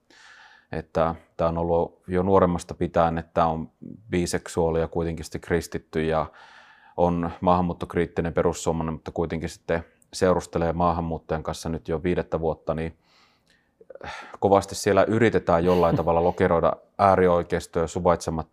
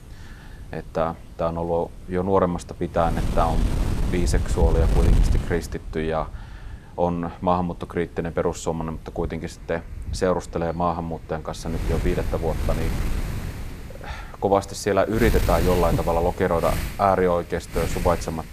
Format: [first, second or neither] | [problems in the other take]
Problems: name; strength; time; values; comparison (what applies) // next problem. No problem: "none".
first | wind noise on the microphone; occasional gusts; 10 dB below the speech